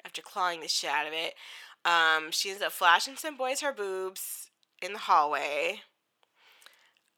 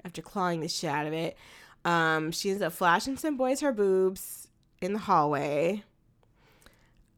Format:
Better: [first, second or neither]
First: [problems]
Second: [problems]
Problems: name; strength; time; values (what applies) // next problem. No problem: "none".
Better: second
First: thin; very; fading below 750 Hz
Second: none